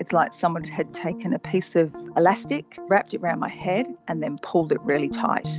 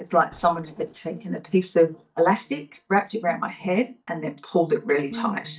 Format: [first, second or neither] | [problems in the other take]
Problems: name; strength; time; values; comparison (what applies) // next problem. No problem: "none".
first | noise reduction (neural mask model DeepFilterNet 3)